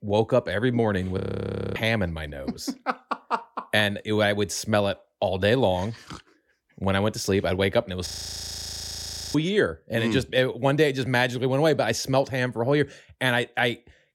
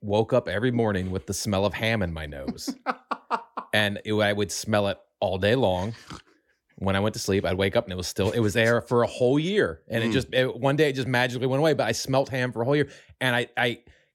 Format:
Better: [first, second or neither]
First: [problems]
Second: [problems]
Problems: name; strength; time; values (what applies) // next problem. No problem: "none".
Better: second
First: audio freezing; at 1 s for 0.5 s and at 8 s for 1.5 s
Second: none